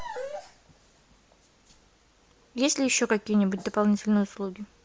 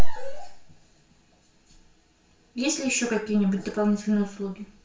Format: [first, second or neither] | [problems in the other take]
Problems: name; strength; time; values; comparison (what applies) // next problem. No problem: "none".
first | room echo; dies away in 0.4 s